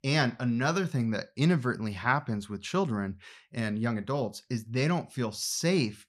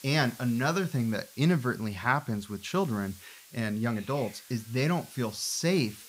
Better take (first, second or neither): first